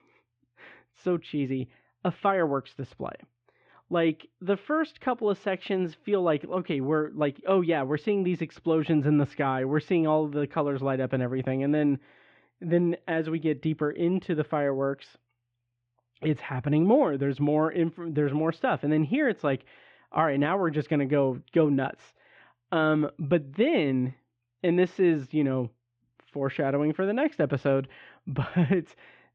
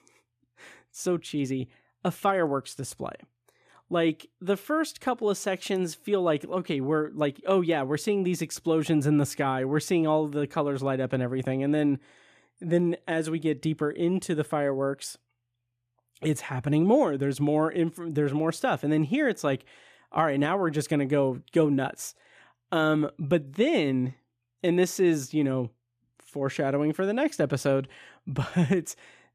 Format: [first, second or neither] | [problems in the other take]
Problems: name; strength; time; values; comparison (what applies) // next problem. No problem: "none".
second | muffled; very; fading above 3 kHz